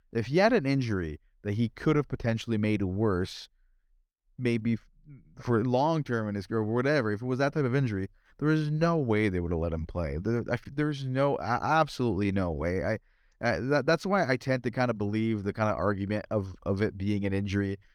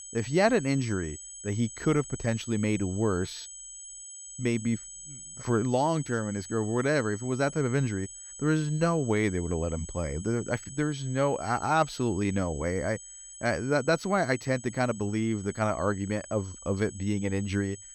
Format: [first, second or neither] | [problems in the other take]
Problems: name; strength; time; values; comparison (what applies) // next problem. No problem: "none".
first | high-pitched whine; noticeable; throughout; 8 kHz, 15 dB below the speech